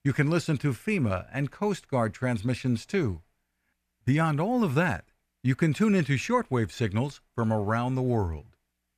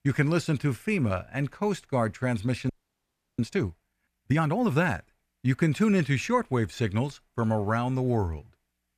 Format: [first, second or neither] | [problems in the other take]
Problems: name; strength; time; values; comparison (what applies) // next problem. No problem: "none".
first | audio freezing; at 2.5 s for 0.5 s